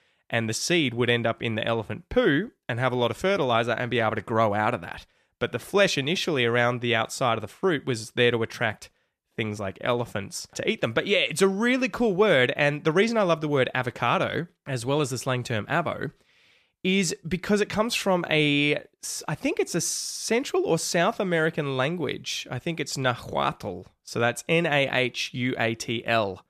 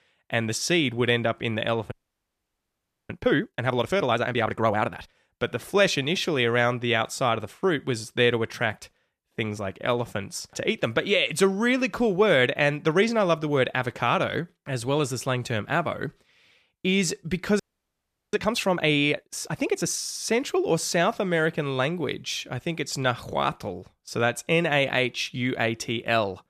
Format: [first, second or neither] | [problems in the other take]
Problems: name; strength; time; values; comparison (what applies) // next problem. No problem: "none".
first | audio freezing; at 2 s for 1 s and at 18 s for 0.5 s